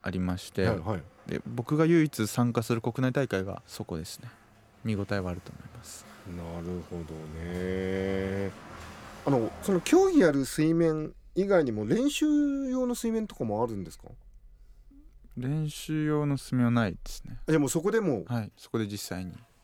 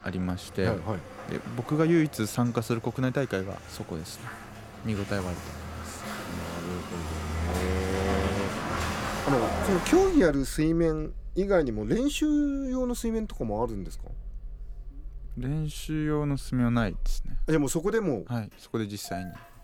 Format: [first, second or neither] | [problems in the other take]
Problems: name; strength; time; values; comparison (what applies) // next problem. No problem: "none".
first | traffic noise; loud; throughout; 8 dB below the speech; faint in the first